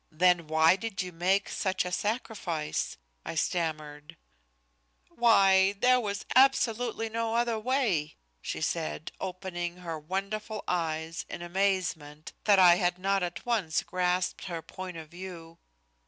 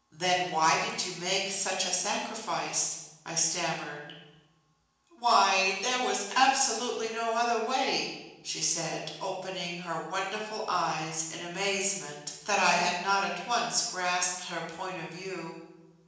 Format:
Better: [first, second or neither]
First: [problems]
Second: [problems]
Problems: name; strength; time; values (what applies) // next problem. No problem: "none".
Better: first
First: none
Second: room echo; dies away in 1 s